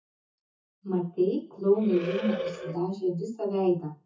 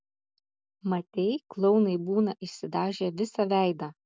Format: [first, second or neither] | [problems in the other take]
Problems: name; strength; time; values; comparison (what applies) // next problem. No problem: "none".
second | noise reduction (classical method WPE with log-MMSE)